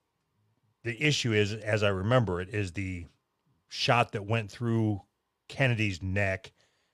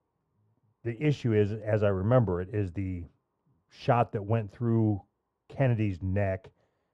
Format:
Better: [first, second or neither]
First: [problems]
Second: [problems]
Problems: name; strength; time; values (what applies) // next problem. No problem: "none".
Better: first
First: none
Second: muffled; very; fading above 2 kHz